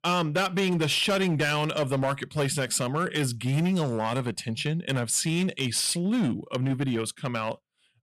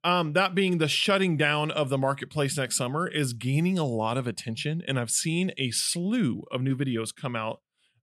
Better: second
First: distortion; slight; 11% of the sound clipped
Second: none

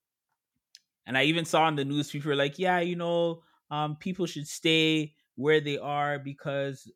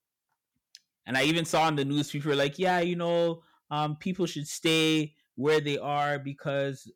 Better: first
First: none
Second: distortion; slight; 4% of the sound clipped

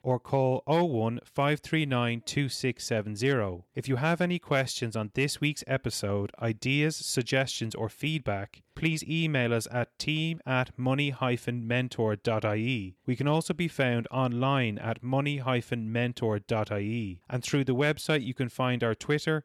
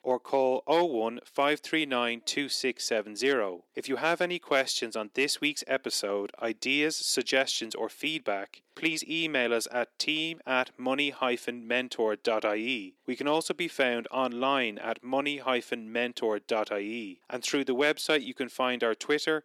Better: first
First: none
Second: thin; somewhat; fading below 300 Hz

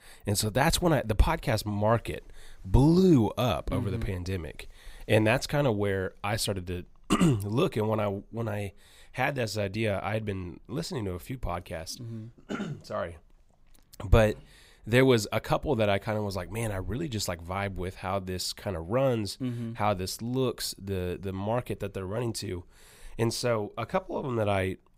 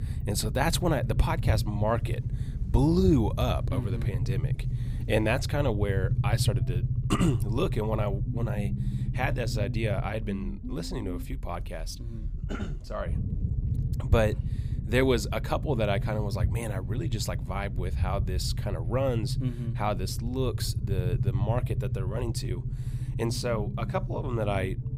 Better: first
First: none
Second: low rumble; noticeable; throughout; 10 dB below the speech

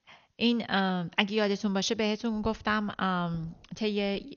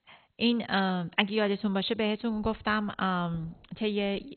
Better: first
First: garbled, watery; slightly; nothing above 6.5 kHz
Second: garbled, watery; badly; nothing above 4 kHz

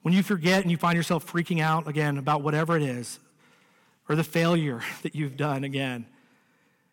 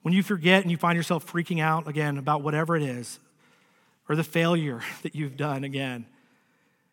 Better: second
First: distortion; slight; 2% of the sound clipped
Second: none

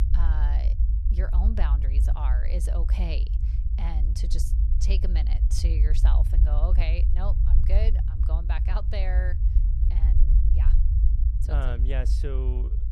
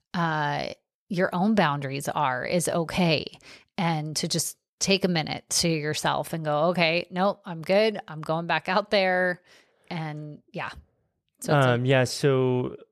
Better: second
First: low rumble; loud; throughout; 6 dB below the speech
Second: none

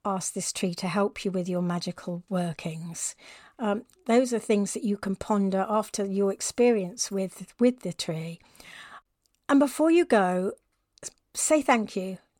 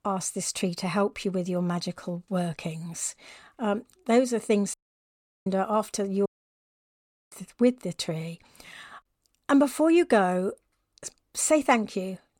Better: first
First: none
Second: audio cutting out; at 4.5 s for 0.5 s and at 6.5 s for 1 s

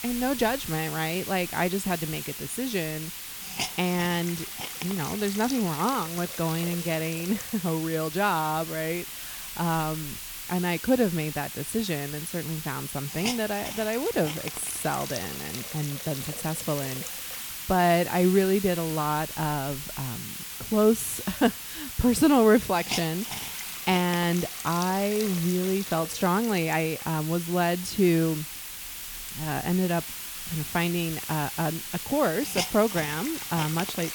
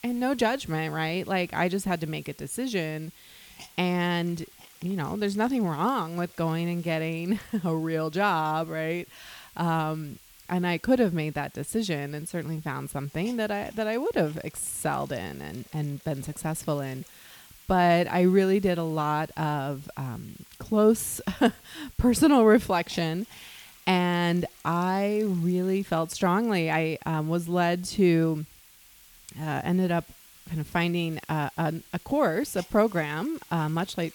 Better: second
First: hiss; loud; throughout; 6 dB below the speech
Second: hiss; faint; throughout; 25 dB below the speech

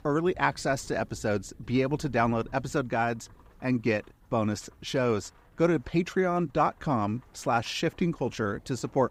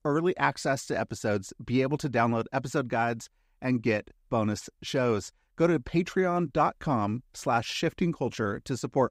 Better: second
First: rain or running water; faint; throughout; 25 dB below the speech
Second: none

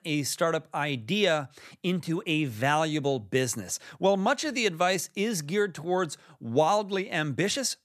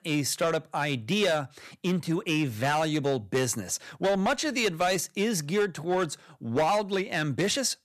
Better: first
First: none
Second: distortion; slight; 7% of the sound clipped

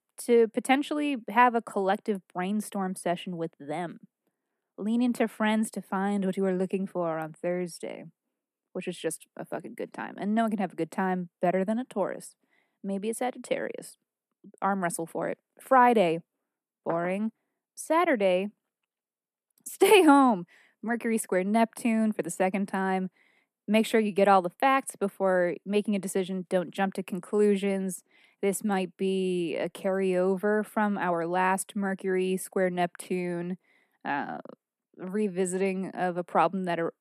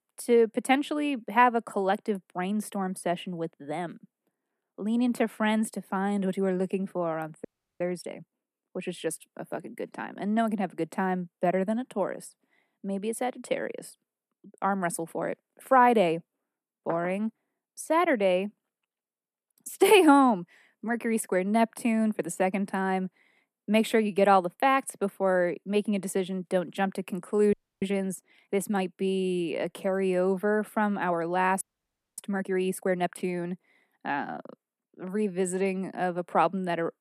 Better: first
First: none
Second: audio freezing; at 7.5 s, at 28 s and at 32 s for 0.5 s

